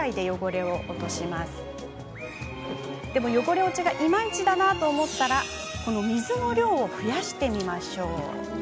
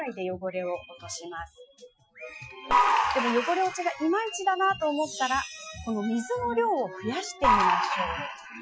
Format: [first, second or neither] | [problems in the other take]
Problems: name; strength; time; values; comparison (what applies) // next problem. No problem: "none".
first | noise reduction (classical method Wiener filter)